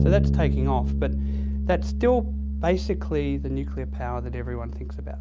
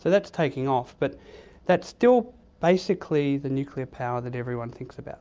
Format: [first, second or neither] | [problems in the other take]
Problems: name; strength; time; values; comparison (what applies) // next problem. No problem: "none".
second | background sound (Bass guitar); 2 dB above the speech